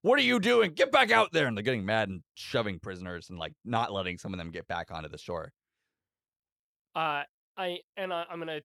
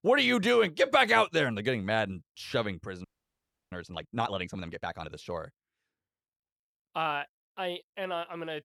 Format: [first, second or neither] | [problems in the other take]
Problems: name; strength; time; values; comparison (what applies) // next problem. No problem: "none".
first | audio freezing; at 3 s for 0.5 s